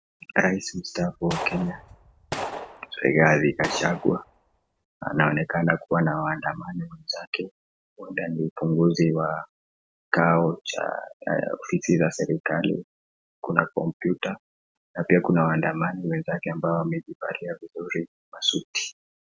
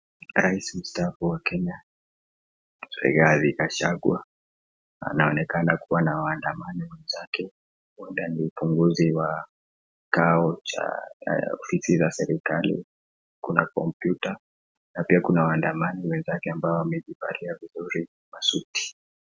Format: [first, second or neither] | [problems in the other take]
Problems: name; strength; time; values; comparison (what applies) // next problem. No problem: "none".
second | background sound (Gunshot, gunfire); 10 dB below the speech